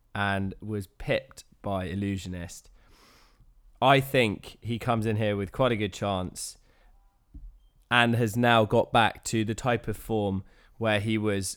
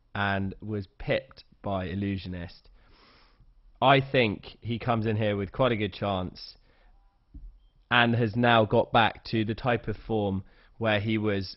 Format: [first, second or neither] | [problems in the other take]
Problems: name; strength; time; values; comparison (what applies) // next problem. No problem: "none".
first | garbled, watery; badly; nothing above 5.5 kHz